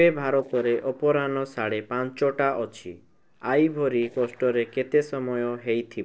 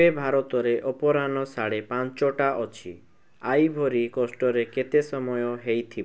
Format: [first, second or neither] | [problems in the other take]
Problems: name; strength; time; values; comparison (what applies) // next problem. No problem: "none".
second | noise reduction (neural separator model SepFormer DNS4)